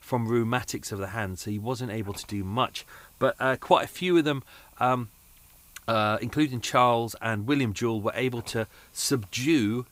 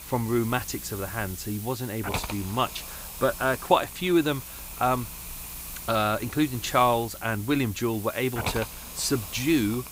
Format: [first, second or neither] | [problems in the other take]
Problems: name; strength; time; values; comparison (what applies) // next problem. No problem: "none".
first | hiss; loud; throughout; 10 dB below the speech; faint in the first